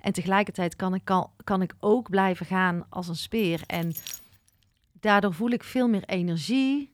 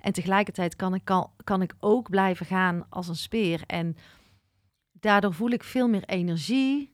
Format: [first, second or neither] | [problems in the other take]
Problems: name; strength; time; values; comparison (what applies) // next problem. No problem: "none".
second | jangling keys; faint; at 3.5 s; peak 10 dB below the speech